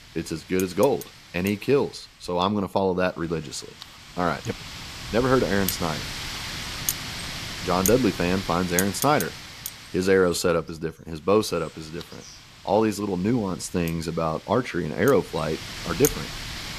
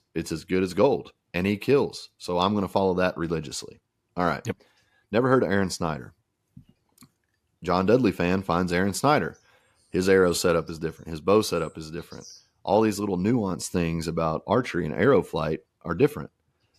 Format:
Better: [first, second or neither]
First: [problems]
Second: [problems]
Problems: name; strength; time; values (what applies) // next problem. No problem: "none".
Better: second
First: wind noise on the microphone; heavy; 8 dB below the speech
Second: none